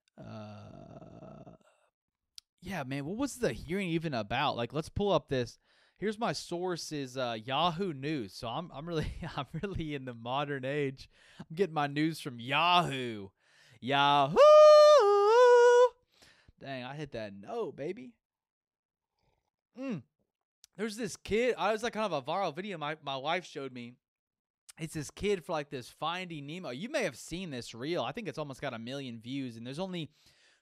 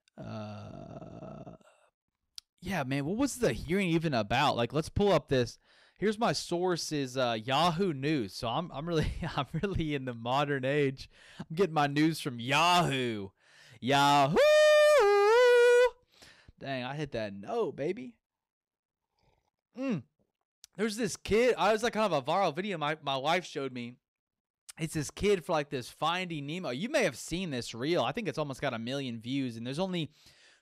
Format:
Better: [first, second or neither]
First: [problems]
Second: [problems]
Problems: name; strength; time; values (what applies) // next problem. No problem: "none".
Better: first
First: none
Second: distortion; heavy; 5% of the sound clipped